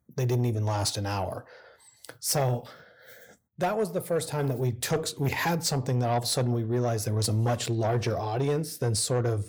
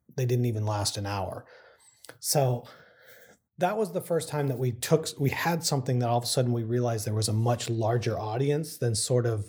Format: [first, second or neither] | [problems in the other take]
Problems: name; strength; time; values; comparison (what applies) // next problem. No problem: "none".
second | distortion; slight; 10 dB below the speech